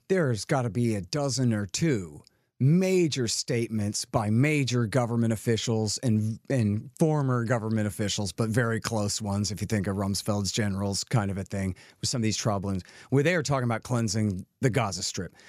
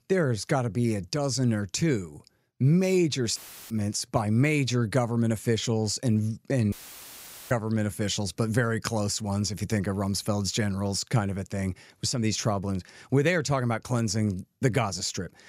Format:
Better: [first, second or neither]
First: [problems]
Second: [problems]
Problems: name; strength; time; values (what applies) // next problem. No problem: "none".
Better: first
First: none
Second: audio cutting out; filled with static; at 3.5 s and at 6.5 s for 1 s